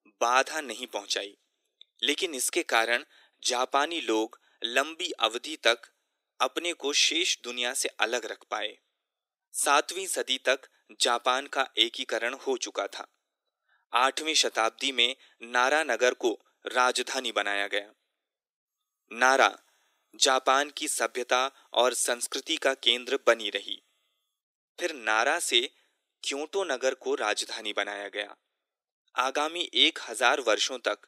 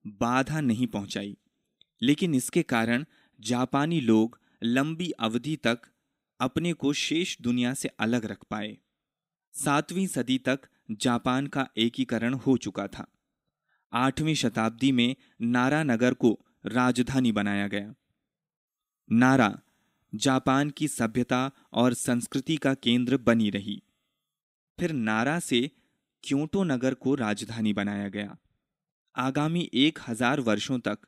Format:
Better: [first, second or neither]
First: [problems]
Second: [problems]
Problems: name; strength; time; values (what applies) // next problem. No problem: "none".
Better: second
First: thin; very; fading below 400 Hz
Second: none